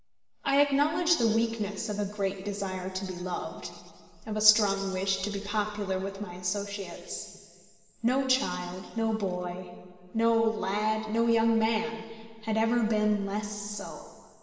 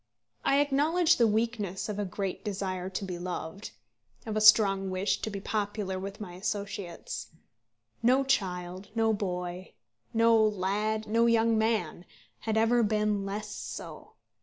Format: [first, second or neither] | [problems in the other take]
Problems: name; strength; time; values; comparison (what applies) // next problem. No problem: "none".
second | room echo; dies away in 2.3 s